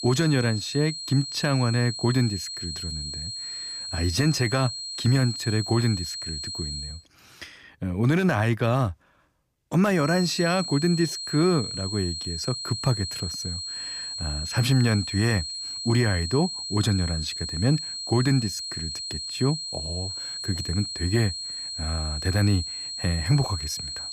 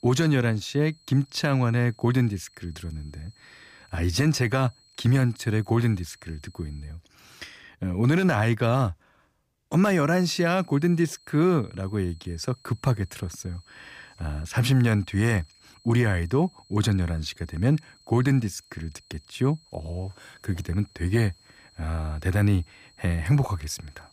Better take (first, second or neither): second